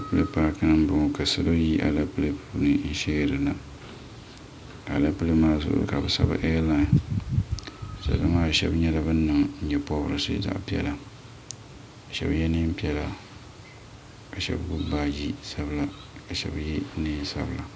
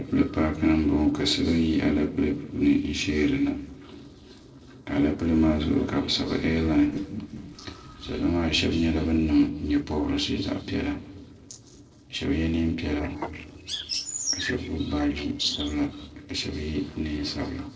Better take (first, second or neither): first